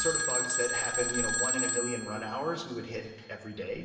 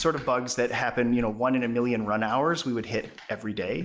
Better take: second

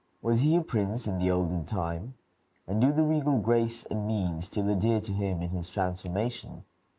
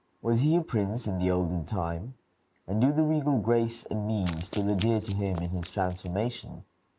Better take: first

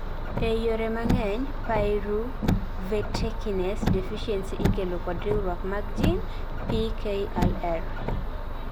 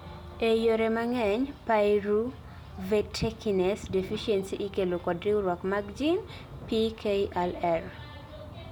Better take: second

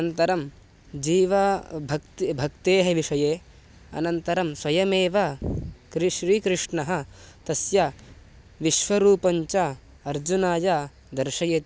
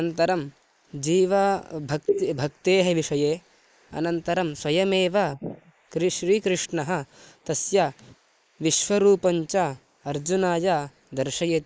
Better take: first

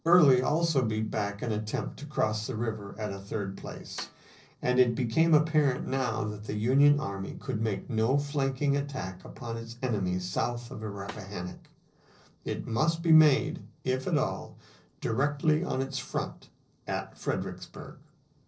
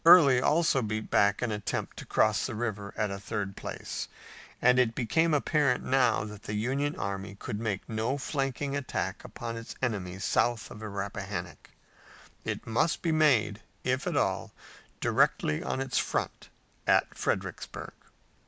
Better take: second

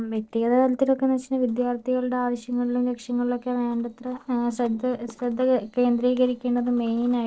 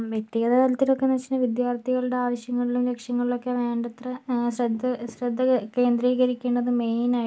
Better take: second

